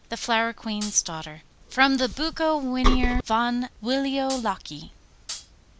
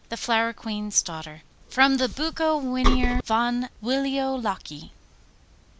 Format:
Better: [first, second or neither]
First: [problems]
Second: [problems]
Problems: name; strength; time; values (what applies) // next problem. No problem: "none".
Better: second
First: background sound (Hi-hat); 12 dB below the speech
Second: none